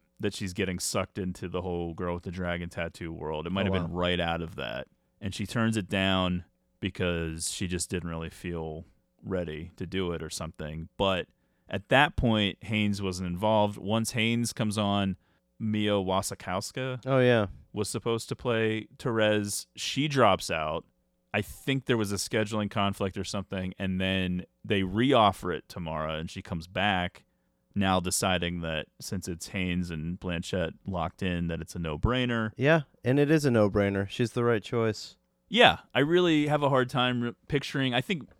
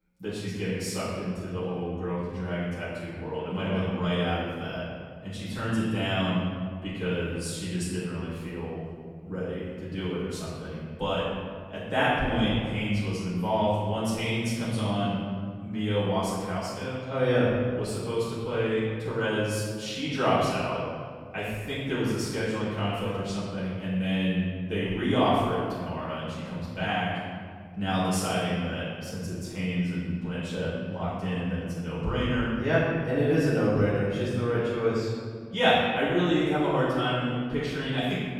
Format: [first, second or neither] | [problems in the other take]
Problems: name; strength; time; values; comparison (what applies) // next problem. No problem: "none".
first | off-mic speech; far // room echo; strong; dies away in 1.8 s